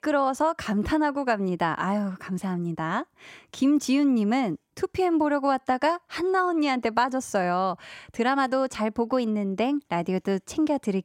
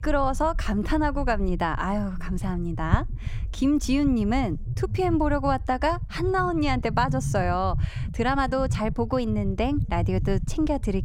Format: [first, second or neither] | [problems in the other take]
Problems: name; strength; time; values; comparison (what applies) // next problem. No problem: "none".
first | low rumble; noticeable; throughout; 20 dB below the speech